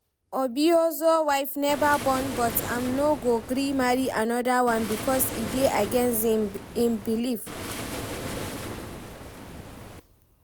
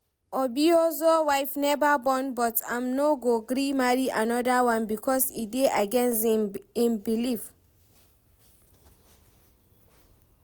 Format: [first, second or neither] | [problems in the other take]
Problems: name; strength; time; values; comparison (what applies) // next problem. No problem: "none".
second | background sound (Waves, surf); 10 dB below the speech